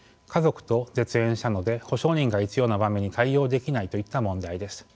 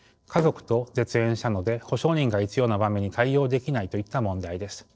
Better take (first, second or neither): first